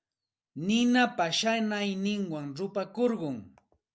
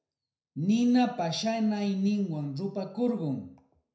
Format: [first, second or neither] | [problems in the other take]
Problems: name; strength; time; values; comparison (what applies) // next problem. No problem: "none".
first | room echo; dies away in 0.5 s